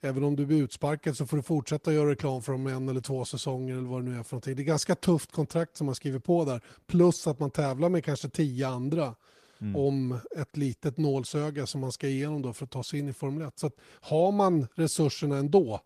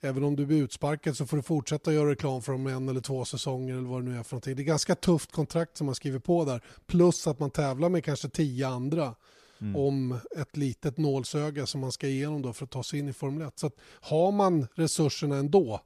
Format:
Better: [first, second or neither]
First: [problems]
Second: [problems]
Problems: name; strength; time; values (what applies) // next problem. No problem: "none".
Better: second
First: garbled, watery; slightly; nothing above 14.5 kHz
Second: none